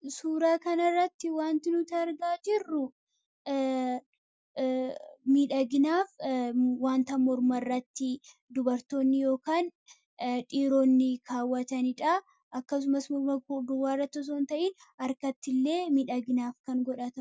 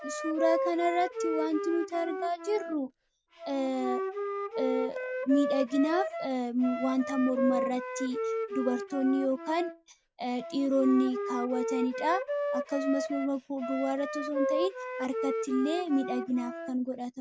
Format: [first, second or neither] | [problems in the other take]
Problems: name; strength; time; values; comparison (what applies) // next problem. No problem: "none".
first | background sound (Wind instrument, woodwind instrument); 4 dB below the speech